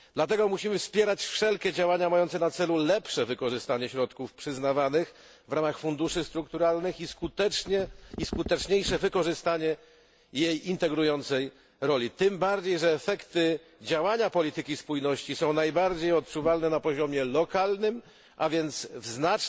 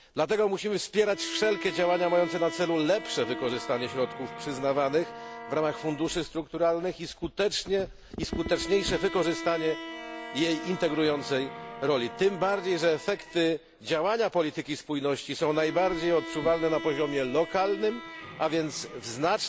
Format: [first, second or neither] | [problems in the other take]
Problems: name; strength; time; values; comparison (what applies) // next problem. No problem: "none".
first | background sound (Brass instrument + Bowed string instrument); 12 dB below the speech